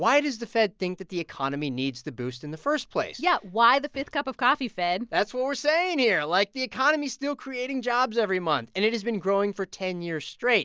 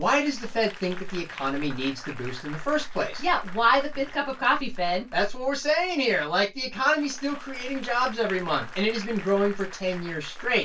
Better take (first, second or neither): first